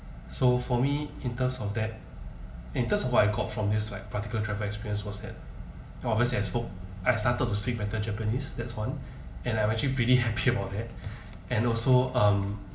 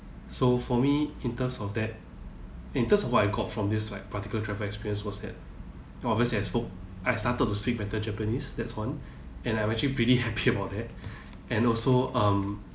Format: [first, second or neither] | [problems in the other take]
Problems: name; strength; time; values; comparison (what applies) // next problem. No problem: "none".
second | room echo; dies away in 0.5 s